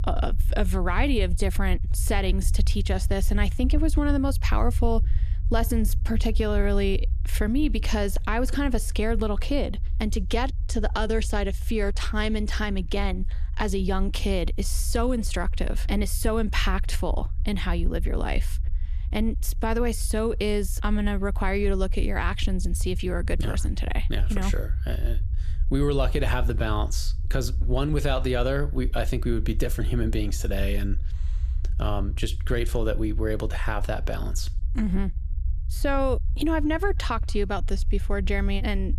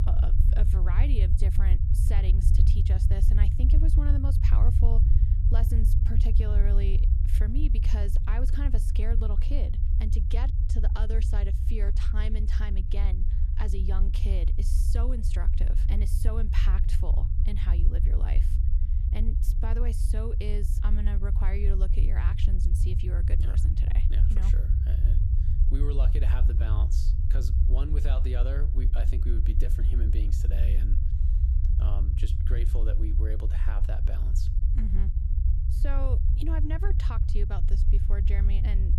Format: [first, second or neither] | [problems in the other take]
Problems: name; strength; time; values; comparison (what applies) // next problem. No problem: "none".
first | low rumble; loud; throughout; 3 dB below the speech; faint in the first